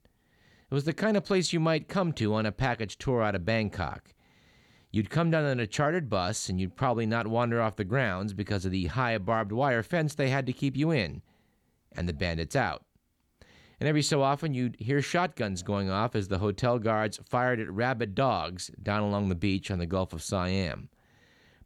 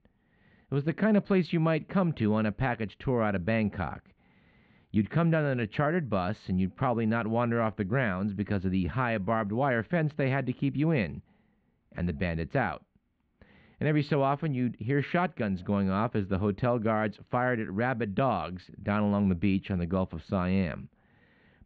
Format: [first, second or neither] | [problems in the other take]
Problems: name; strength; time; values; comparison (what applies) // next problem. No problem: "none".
first | muffled; very; fading above 3 kHz